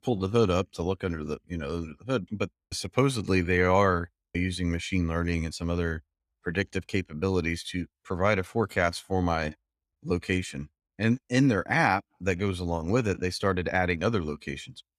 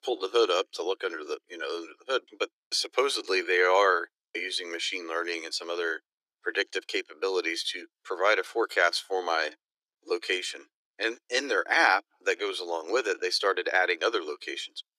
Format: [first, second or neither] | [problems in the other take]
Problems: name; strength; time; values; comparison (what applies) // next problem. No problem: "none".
first | thin; very; fading below 300 Hz